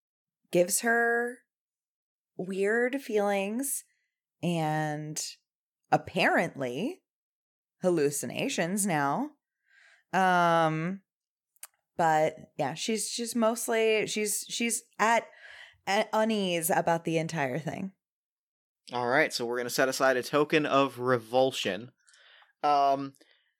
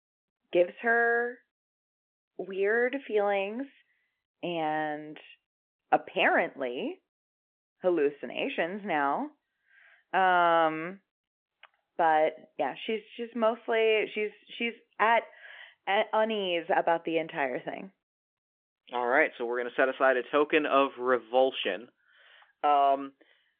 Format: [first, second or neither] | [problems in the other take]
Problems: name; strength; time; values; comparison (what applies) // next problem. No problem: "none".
first | phone-call audio